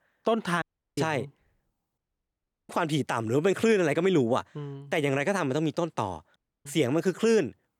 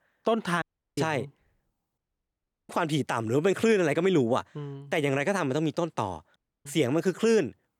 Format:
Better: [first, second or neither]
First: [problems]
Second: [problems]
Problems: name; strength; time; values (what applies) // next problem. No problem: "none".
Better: neither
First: audio cutting out; at 0.5 s, at 2 s for 0.5 s and at 6.5 s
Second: audio cutting out; at 0.5 s, at 2 s for 0.5 s and at 6.5 s